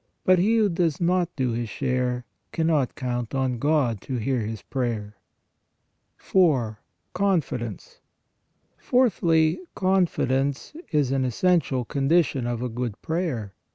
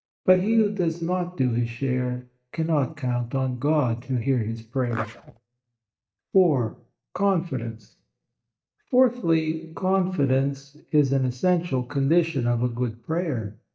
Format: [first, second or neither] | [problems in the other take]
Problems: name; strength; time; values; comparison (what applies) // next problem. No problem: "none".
first | noise reduction (neural mask model DeepFilterNet 3)